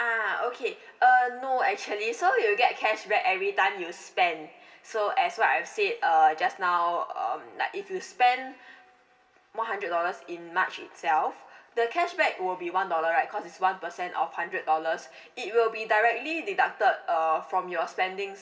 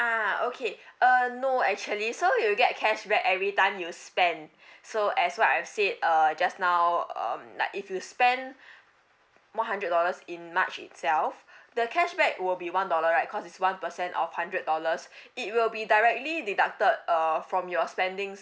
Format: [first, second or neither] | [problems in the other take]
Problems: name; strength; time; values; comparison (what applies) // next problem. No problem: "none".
second | room echo; dies away in 1.4 s